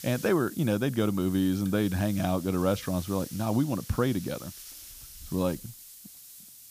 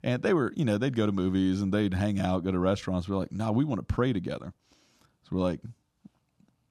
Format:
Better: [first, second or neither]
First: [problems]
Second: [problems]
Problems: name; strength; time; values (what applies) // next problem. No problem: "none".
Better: second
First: hiss; noticeable; throughout; 15 dB below the speech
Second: none